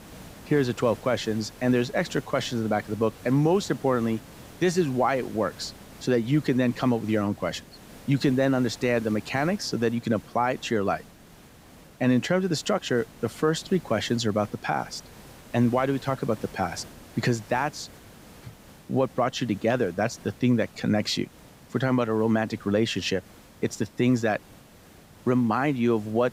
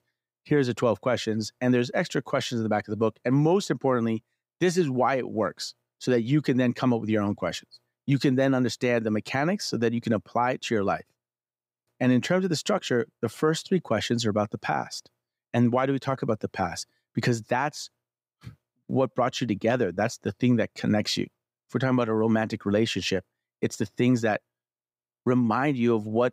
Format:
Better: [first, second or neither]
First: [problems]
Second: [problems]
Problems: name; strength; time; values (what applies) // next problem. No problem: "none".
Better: second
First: hiss; faint; throughout; 20 dB below the speech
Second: none